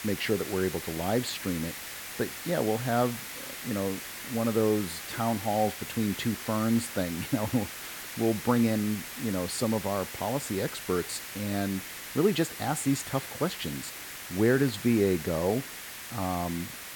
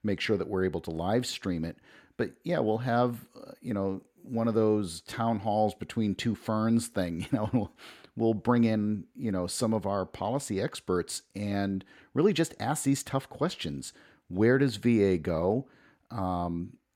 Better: second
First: hiss; loud; throughout; 8 dB below the speech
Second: none

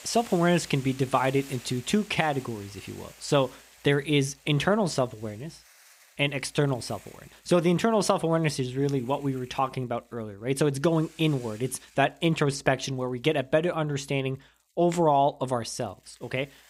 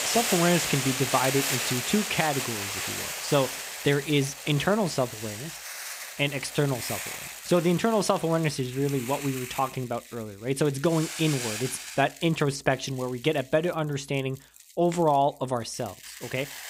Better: first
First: hiss; faint; throughout; 25 dB below the speech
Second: hiss; loud; throughout; 5 dB below the speech

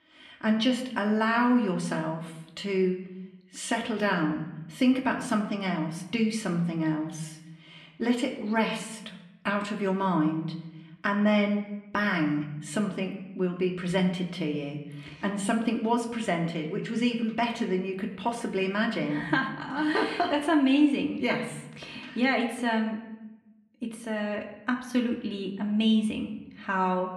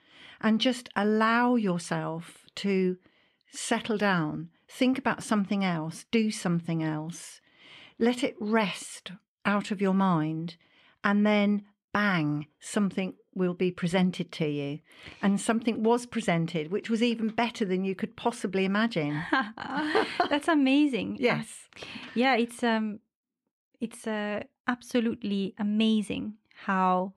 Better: second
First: room echo; slight; dies away in 0.7 s // off-mic speech; somewhat distant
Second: none

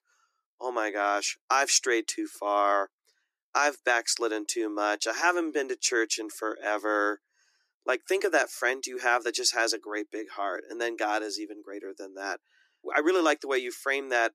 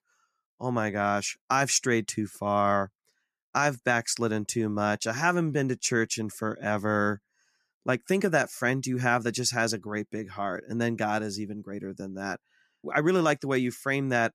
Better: second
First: thin; very; fading below 300 Hz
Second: none

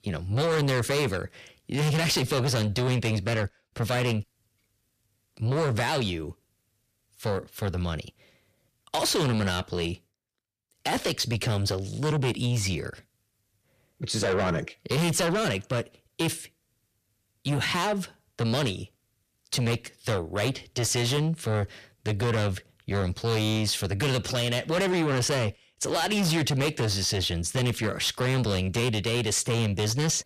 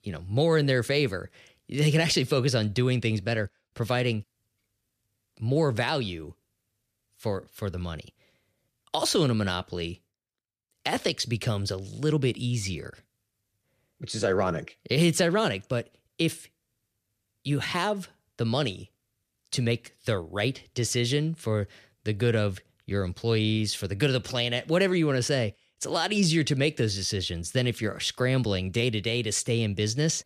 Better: second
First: distortion; heavy; 7 dB below the speech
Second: none

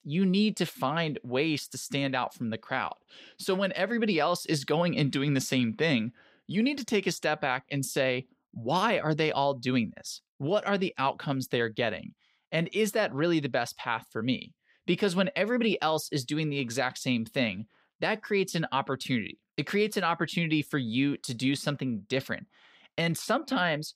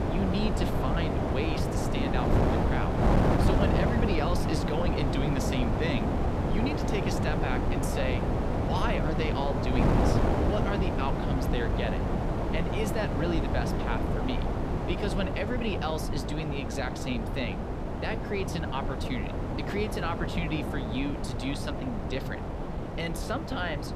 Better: first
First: none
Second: wind noise on the microphone; heavy; 2 dB above the speech

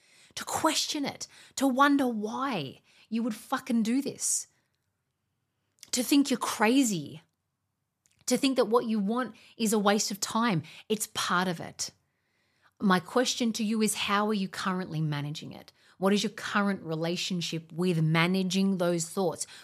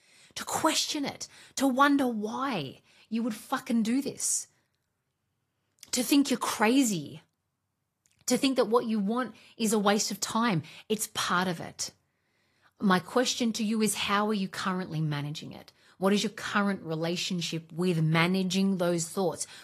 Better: first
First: none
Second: garbled, watery; slightly; nothing above 14.5 kHz

